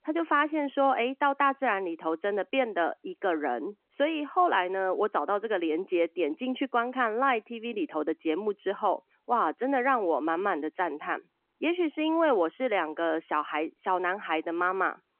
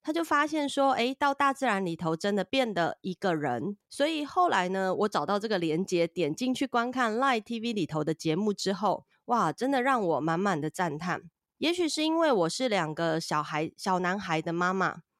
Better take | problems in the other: second | phone-call audio

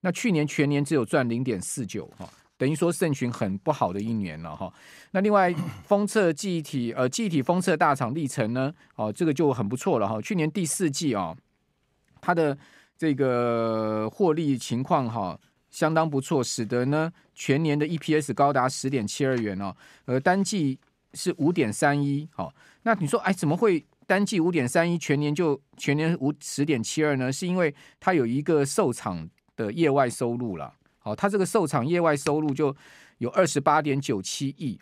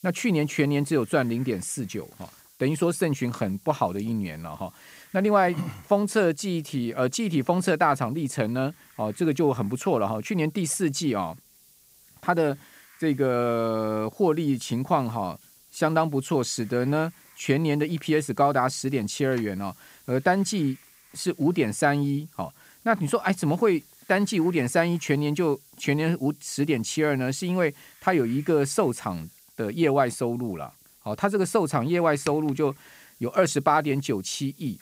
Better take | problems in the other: first | hiss; faint; throughout; 25 dB below the speech

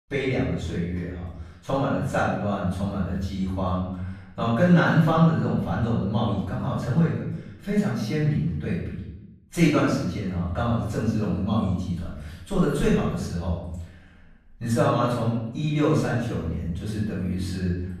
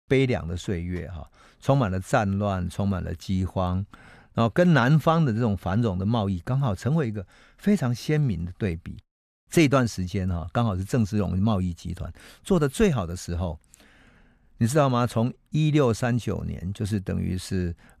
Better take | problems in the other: second | off-mic speech; far // room echo; noticeable; dies away in 0.8 s

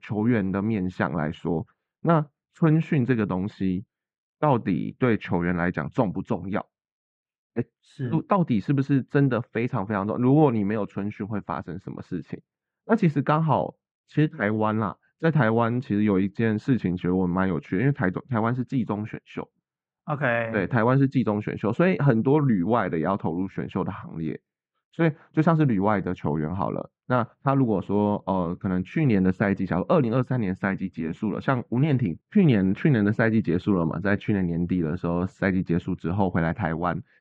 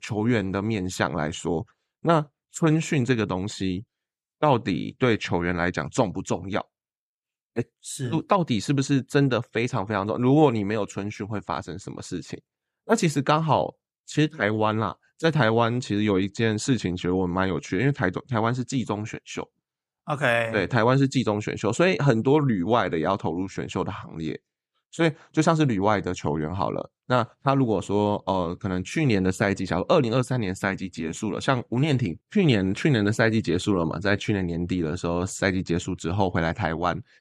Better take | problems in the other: second | muffled; very; fading above 2 kHz

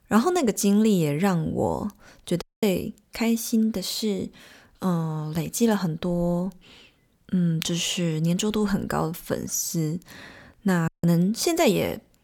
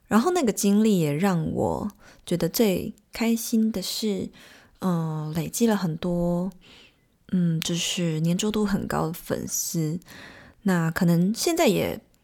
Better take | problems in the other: second | audio cutting out; at 2.5 s and at 11 s

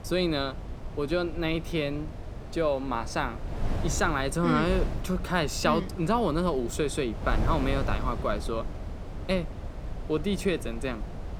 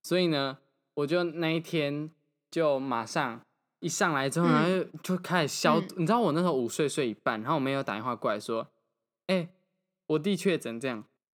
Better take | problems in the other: second | wind noise on the microphone; occasional gusts; 15 dB below the speech

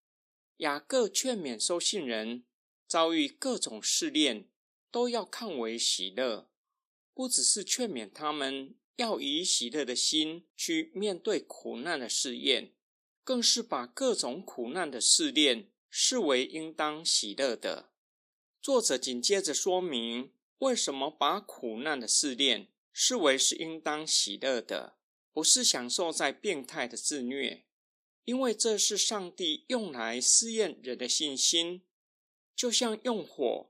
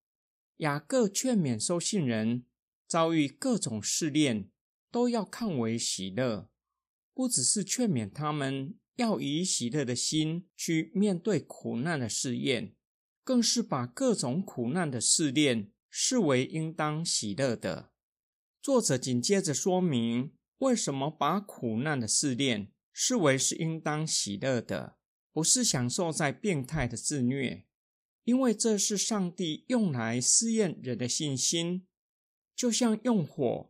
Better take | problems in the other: second | thin; somewhat; fading below 300 Hz

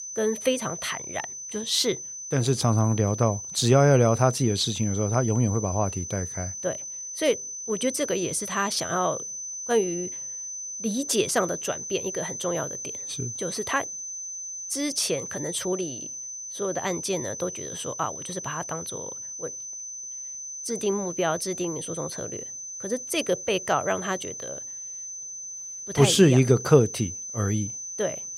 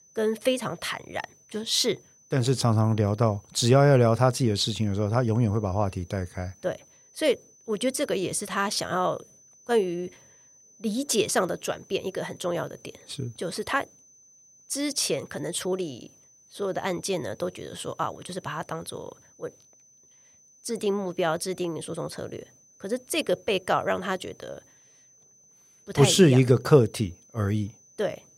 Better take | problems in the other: second | high-pitched whine; loud; throughout; 6 kHz, 8 dB below the speech; faint in the second

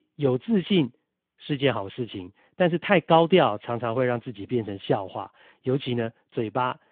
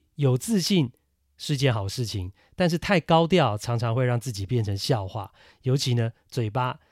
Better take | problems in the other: second | phone-call audio

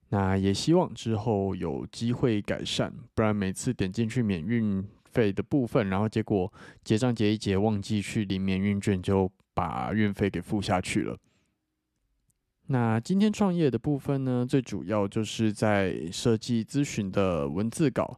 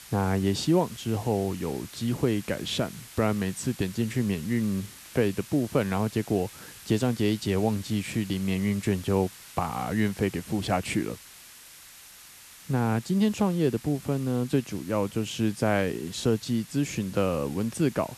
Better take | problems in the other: first | hiss; noticeable; throughout; 15 dB below the speech

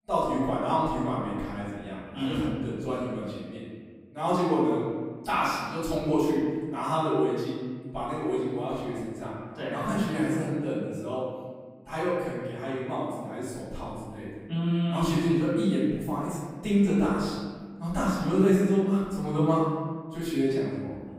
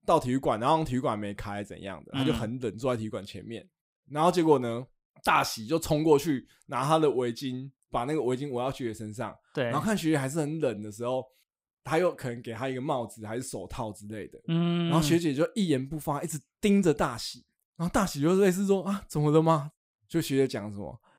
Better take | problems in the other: second | off-mic speech; far // room echo; strong; dies away in 1.5 s

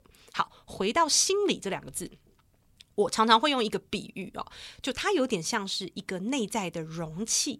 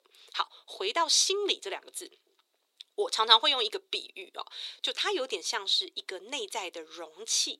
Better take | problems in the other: first | thin; very; fading below 350 Hz

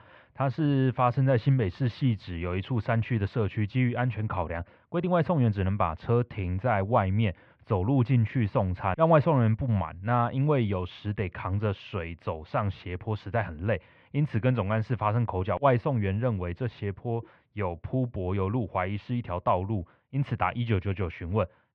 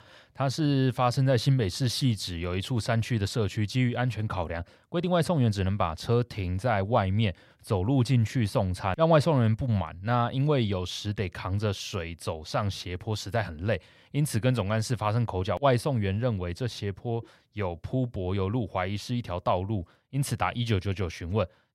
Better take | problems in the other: second | muffled; very; fading above 2.5 kHz

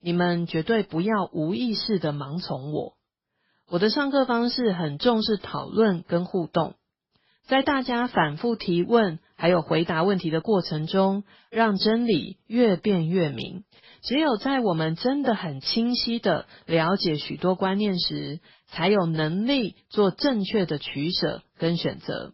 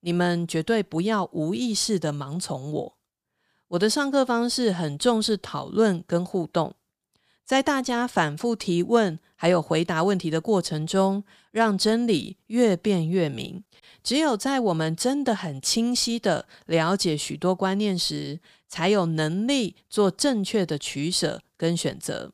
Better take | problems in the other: second | garbled, watery; badly; nothing above 5.5 kHz

